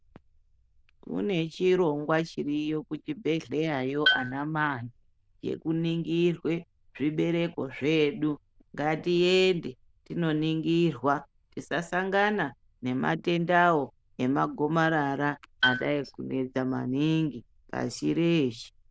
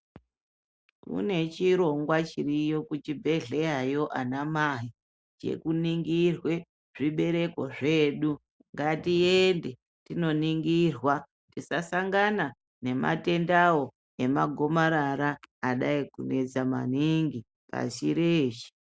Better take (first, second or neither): second